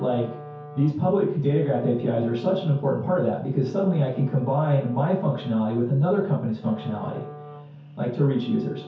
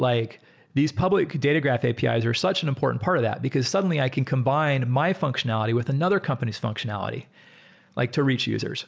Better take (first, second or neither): second